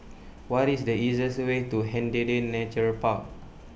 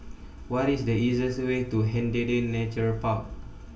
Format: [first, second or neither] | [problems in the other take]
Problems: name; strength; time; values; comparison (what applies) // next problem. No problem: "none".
first | room echo; dies away in 0.2 s